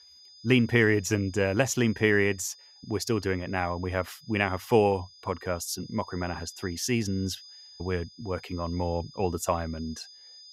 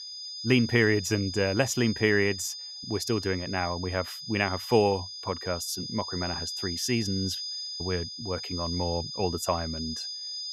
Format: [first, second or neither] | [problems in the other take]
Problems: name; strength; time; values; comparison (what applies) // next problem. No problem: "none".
first | high-pitched whine; loud; throughout; 5 kHz, 6 dB below the speech; faint in the first